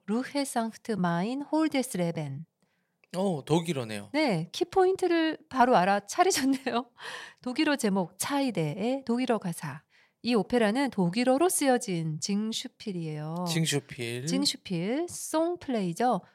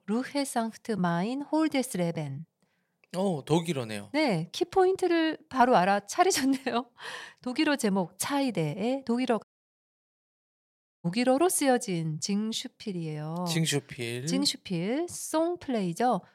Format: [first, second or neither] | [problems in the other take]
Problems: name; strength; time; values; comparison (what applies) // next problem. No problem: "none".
first | audio cutting out; at 9.5 s for 1.5 s